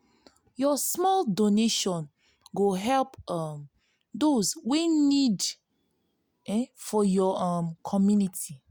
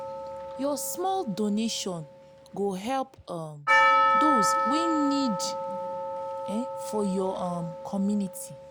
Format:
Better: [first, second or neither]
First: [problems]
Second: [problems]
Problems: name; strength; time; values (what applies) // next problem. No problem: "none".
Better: first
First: none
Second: background sound (Percussion); 2 dB above the speech